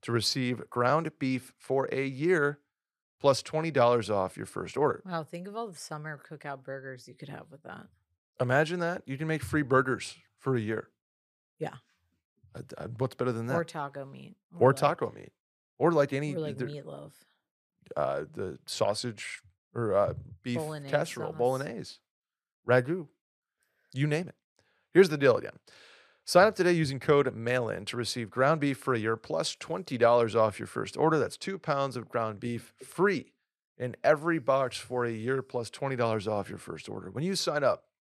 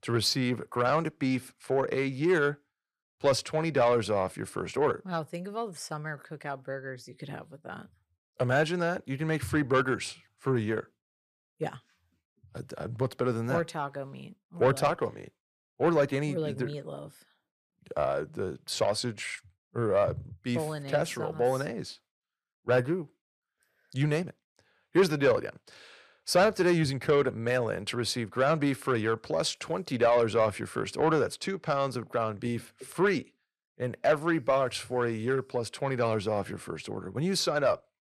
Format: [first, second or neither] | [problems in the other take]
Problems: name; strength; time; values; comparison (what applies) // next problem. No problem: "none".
first | distortion; slight; 10 dB below the speech